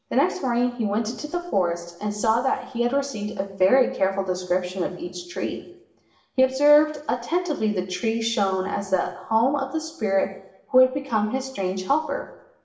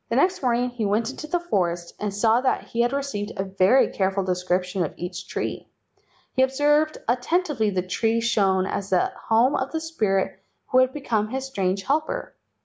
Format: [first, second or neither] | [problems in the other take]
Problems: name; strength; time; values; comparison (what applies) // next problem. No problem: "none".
second | room echo; dies away in 0.8 s